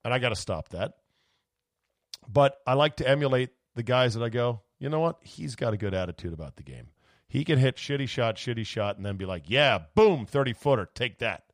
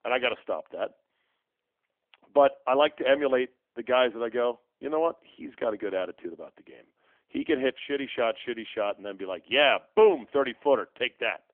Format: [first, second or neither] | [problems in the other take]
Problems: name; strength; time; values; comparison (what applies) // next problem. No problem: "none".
first | phone-call audio; nothing above 3.5 kHz